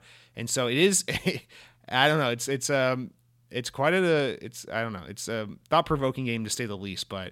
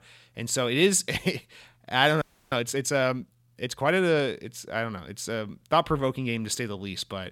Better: first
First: none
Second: audio freezing; at 2 s

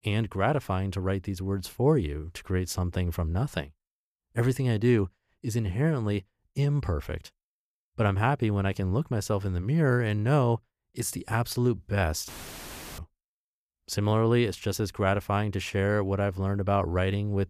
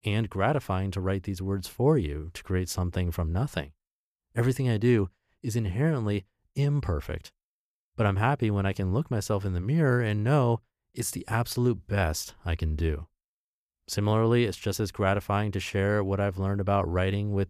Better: second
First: audio cutting out; filled with static; at 12 s for 0.5 s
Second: none

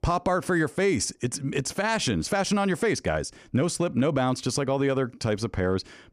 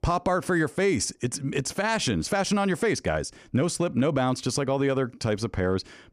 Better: neither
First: none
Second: none

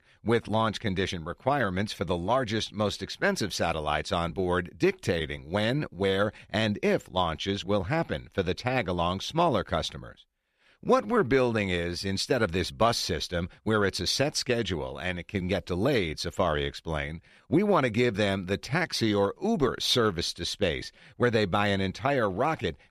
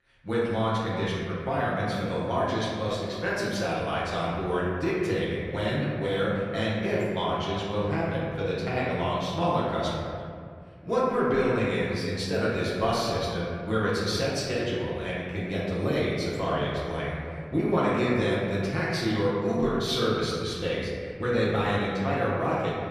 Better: first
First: none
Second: room echo; noticeable; dies away in 2.1 s // off-mic speech; far

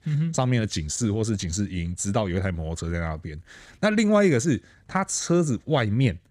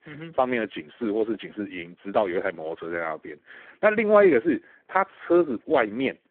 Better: first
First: none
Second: phone-call audio; poor line

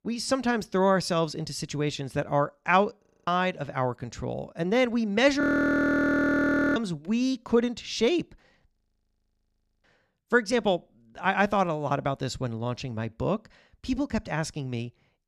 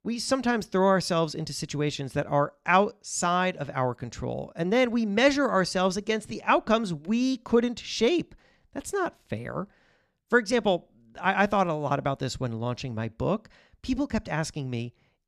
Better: second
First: audio freezing; at 3 s, at 5.5 s for 1.5 s and at 8.5 s for 1 s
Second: none

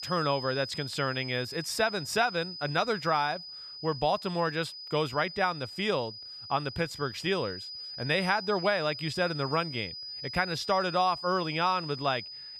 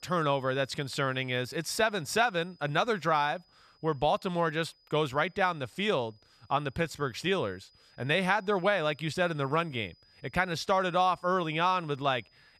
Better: second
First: high-pitched whine; loud; throughout; 5 kHz, 9 dB below the speech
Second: high-pitched whine; faint; throughout; 5 kHz, 30 dB below the speech

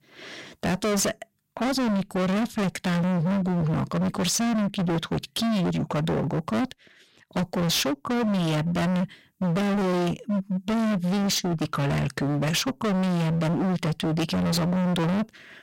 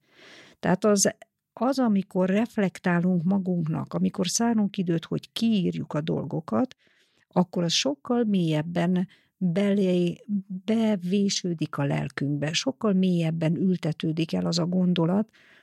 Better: second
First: distortion; heavy; 43% of the sound clipped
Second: none

